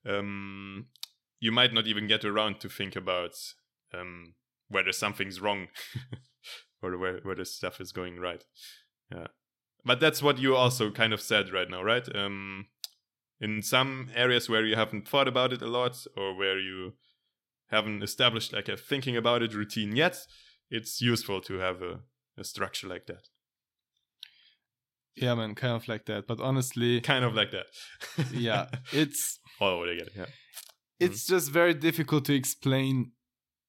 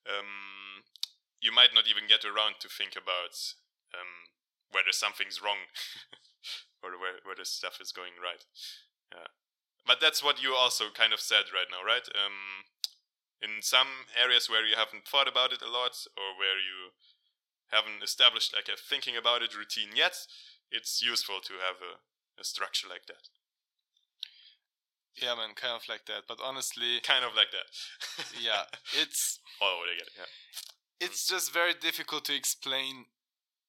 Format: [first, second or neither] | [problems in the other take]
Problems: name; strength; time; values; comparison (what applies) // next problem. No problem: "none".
first | thin; very; fading below 800 Hz